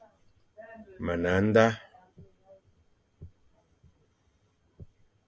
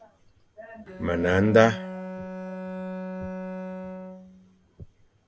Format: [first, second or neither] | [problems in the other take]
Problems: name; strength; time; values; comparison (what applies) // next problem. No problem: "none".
first | background sound (Bowed string instrument); 9 dB below the speech